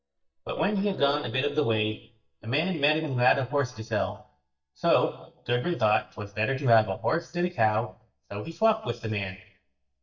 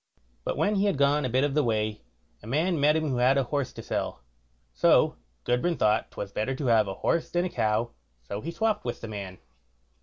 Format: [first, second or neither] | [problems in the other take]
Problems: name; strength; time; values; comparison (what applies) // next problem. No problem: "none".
second | noise reduction (neural mask model DeepFilterNet 3)